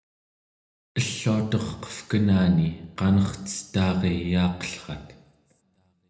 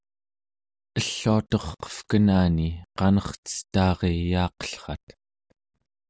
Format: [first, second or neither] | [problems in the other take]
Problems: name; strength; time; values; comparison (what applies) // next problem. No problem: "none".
second | room echo; dies away in 0.8 s